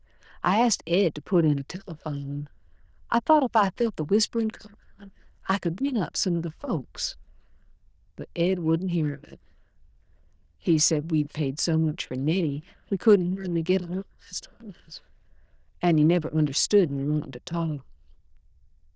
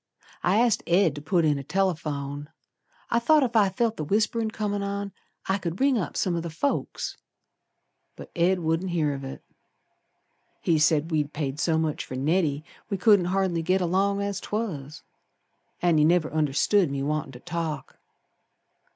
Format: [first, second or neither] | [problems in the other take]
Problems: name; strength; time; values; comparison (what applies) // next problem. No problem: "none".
second | noise reduction (neural diffusion model UNIVERSE++)